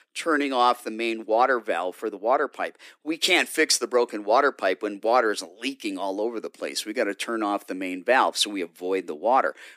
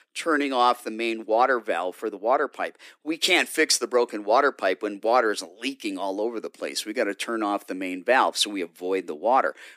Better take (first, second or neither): neither